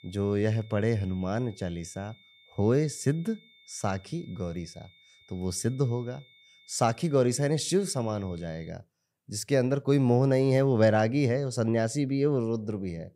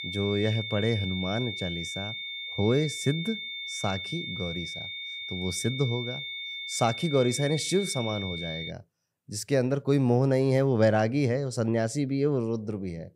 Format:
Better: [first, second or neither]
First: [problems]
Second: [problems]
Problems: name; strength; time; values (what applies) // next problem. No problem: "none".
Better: first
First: high-pitched whine; faint; until 8.5 s; 3.5 kHz, 30 dB below the speech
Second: high-pitched whine; loud; until 8.5 s; 3.5 kHz, 6 dB below the speech